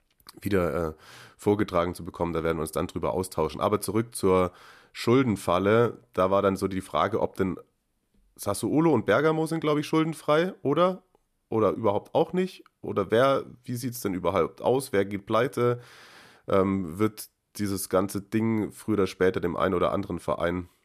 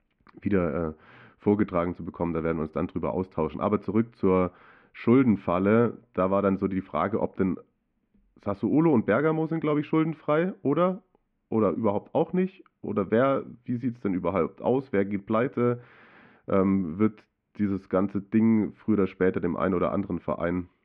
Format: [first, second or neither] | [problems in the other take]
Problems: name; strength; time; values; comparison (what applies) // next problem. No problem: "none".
first | muffled; very; fading above 2.5 kHz